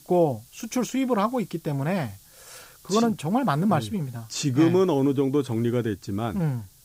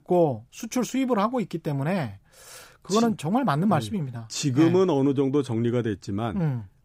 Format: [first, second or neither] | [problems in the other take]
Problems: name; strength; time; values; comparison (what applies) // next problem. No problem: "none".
second | hiss; faint; throughout; 25 dB below the speech